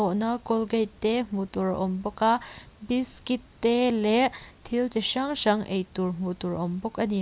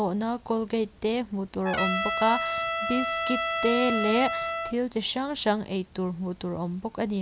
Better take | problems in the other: first | background sound (Trumpet); 1 dB below the speech

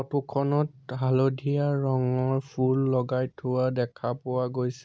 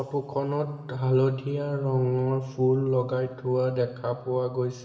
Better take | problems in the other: first | room echo; dies away in 2.8 s

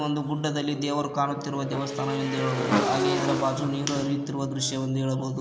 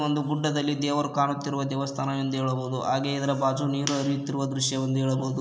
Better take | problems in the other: second | background sound (Motorcycle / Engine); 4 dB below the speech

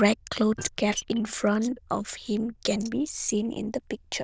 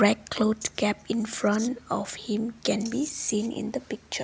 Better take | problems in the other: second | noise reduction (neural diffusion model UNIVERSE++)

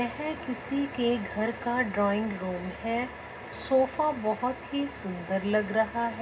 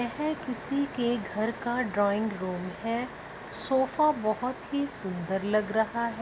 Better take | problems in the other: second | room echo; dies away in 0.2 s

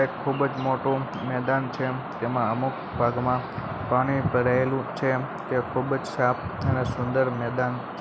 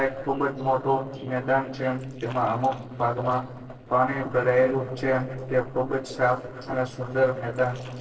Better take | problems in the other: first | noise reduction (neural separator model SepFormer DNS4)

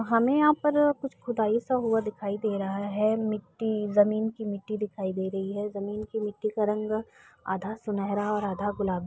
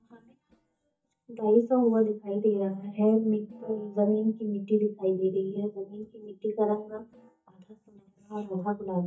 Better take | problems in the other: first | noise reduction (neural mask model DeepFilterNet 3)

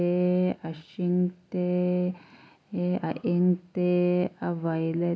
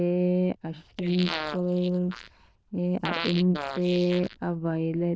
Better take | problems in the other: first | noise reduction (neural diffusion model UNIVERSE++)

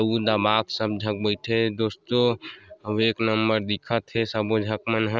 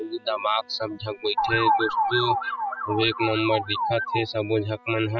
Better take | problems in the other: first | noise reduction (classical method spectral subtraction)

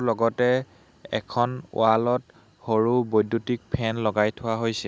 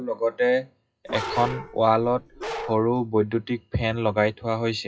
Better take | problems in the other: first | noise reduction (classical method WPE with log-MMSE)

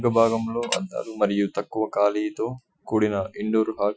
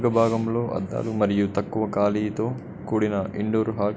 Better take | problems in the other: second | noise reduction (classical method Wiener filter)

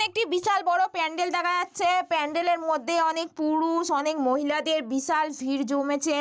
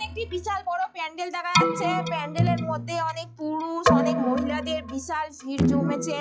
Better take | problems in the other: first | noise reduction (classical method log-MMSE)

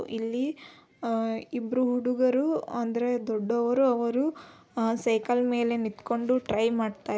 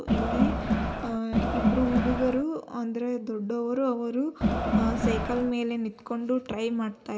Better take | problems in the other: first | background sound (Crowd); 3 dB above the speech // room echo; dies away in 0.6 s

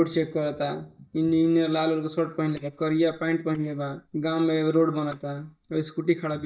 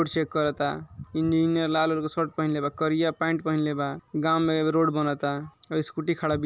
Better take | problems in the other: second | noise reduction (neural mask model DeepFilterNet 3)

